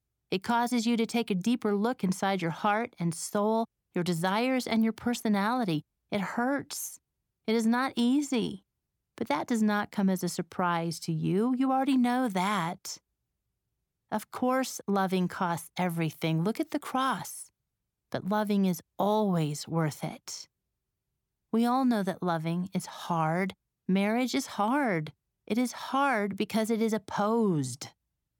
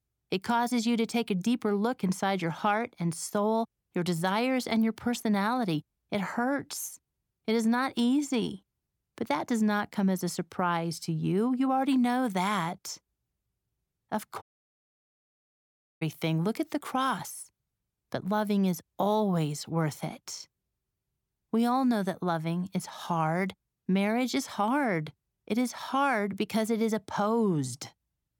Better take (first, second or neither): first